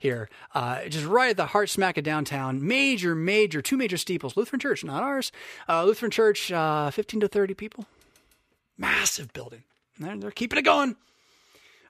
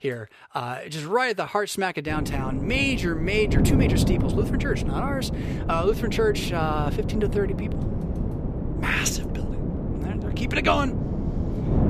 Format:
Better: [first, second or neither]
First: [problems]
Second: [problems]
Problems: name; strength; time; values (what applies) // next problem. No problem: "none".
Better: first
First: none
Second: wind noise on the microphone; heavy; from 2 s on; 8 dB below the speech